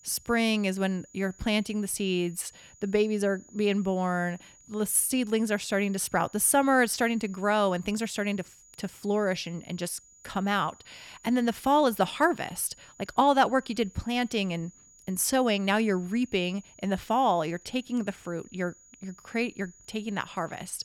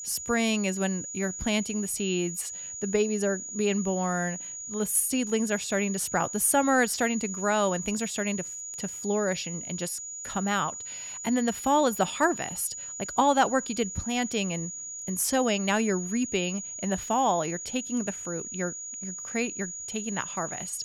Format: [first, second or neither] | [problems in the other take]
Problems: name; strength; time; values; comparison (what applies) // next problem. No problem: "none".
first | high-pitched whine; loud; throughout; 7 kHz, 7 dB below the speech; faint in the first